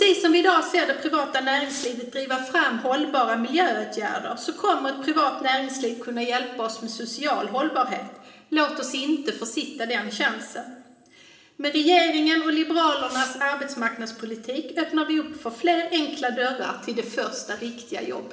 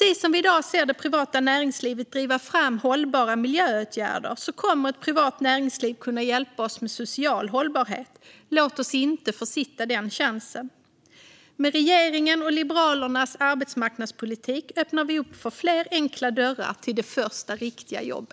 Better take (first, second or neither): second